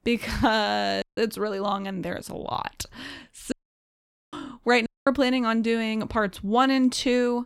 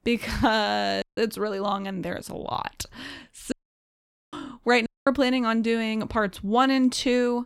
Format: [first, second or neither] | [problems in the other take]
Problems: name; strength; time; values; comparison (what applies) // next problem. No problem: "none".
neither | audio cutting out; at 1 s, at 3.5 s for 1 s and at 5 s; the same in both